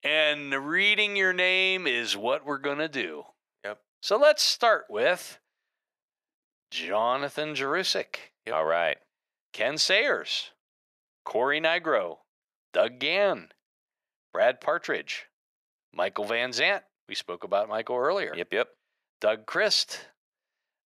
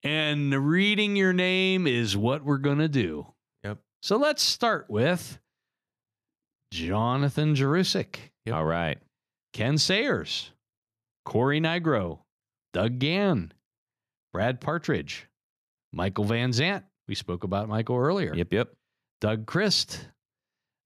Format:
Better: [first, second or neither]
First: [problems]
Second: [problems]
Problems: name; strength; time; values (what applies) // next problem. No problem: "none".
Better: second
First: thin; very; fading below 550 Hz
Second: none